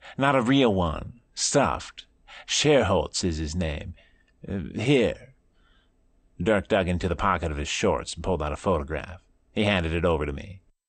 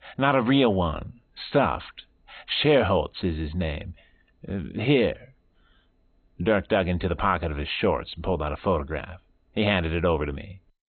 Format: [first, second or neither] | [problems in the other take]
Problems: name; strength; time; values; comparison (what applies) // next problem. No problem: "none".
first | garbled, watery; badly; nothing above 4 kHz; slightly in the first